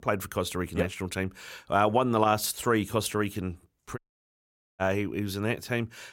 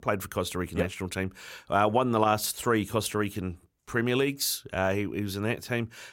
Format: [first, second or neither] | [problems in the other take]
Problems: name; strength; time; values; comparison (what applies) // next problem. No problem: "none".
second | audio cutting out; at 4 s for 1 s